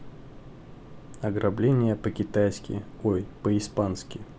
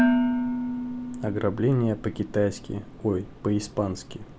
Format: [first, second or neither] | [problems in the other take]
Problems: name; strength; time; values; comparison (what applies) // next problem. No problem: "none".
first | background sound (Dishes, pots, and pans); 2 dB below the speech